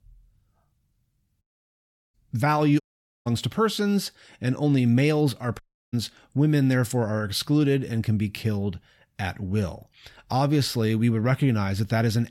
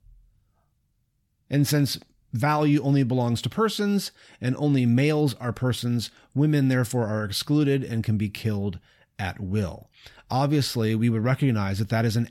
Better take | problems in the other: second | audio cutting out; at 1.5 s for 0.5 s, at 3 s and at 5.5 s

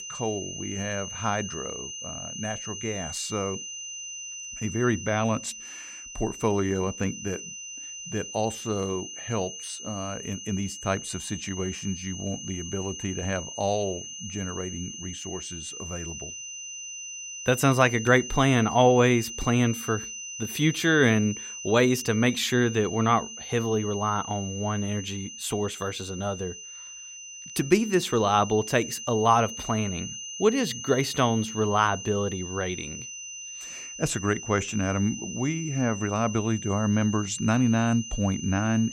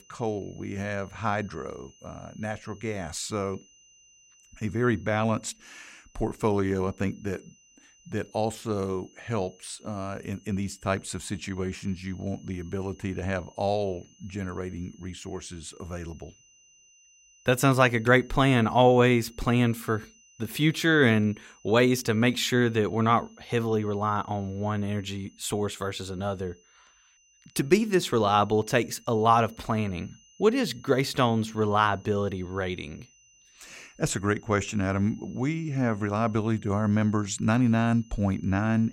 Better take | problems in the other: second | high-pitched whine; loud; throughout; 6 kHz, 9 dB below the speech; faint in the second

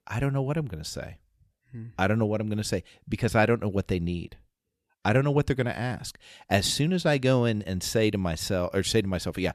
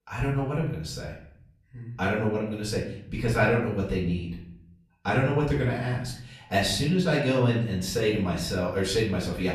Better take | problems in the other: first | off-mic speech; far // room echo; noticeable; dies away in 0.6 s

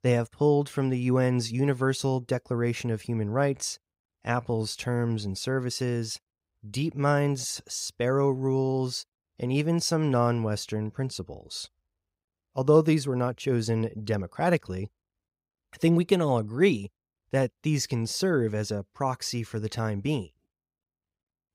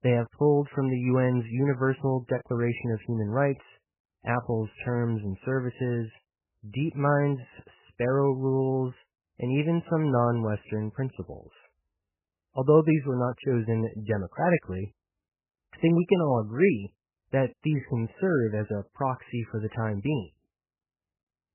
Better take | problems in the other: first | garbled, watery; badly; nothing above 3 kHz

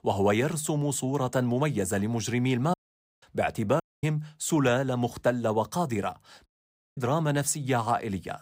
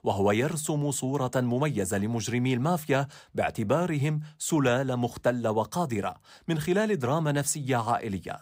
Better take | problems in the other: second | audio cutting out; at 2.5 s, at 4 s and at 6.5 s for 0.5 s

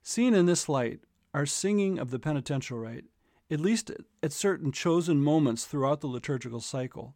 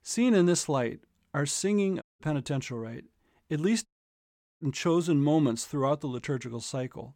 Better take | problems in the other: first | audio cutting out; at 2 s and at 4 s for 1 s

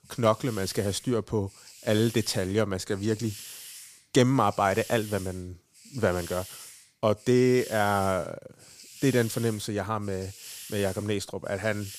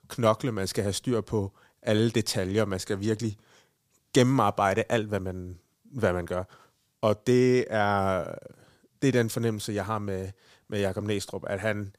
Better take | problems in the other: second | hiss; noticeable; throughout; 15 dB below the speech

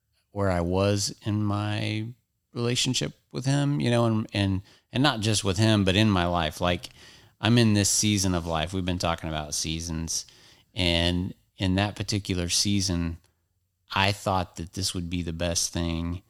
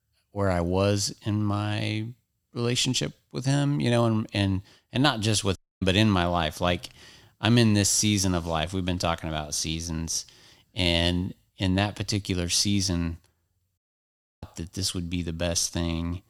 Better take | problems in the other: first | audio cutting out; at 5.5 s and at 14 s for 0.5 s

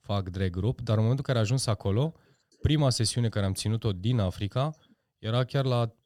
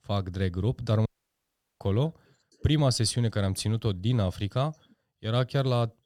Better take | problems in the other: first | audio cutting out; at 1 s for 0.5 s

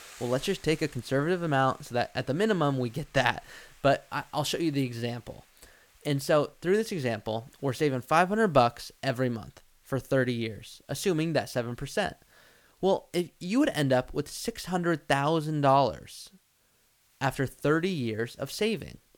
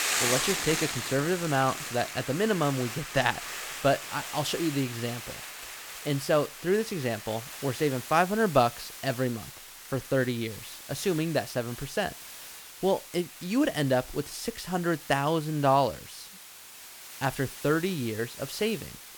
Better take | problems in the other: first | hiss; loud; throughout; 8 dB below the speech; faint in the first

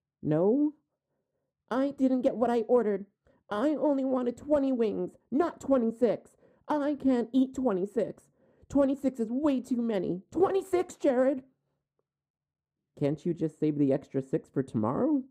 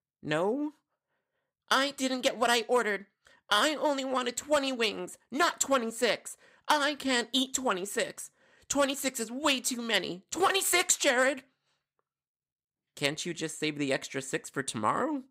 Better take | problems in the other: second | muffled; very; fading above 1 kHz

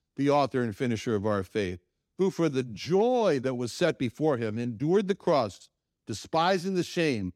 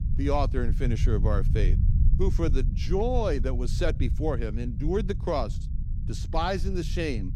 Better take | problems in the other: first | low rumble; noticeable; throughout; 15 dB below the speech

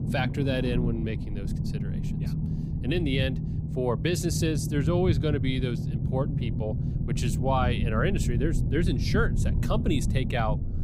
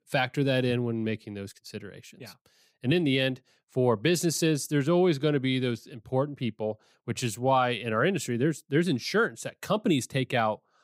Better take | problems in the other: second | low rumble; loud; throughout; 8 dB below the speech

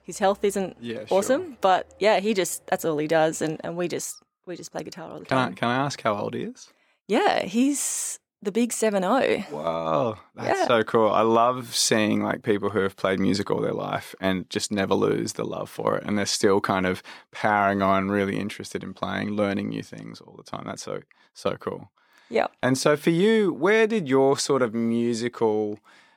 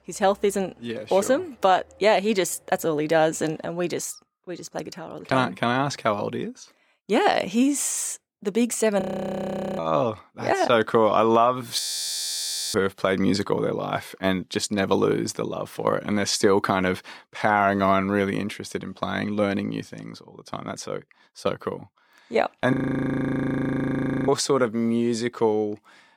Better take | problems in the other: first | audio freezing; at 9 s for 1 s, at 12 s for 1 s and at 23 s for 1.5 s

